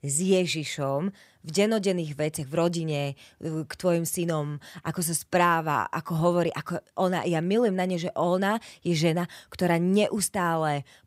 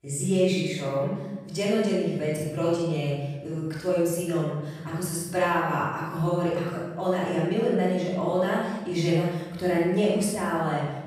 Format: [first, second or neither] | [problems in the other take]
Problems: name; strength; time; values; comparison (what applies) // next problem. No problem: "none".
first | off-mic speech; far // room echo; strong; dies away in 1 s